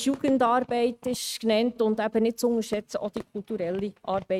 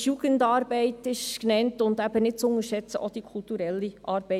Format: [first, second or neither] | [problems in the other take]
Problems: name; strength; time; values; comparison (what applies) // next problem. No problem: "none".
second | noise reduction (neural mask model RNNoise)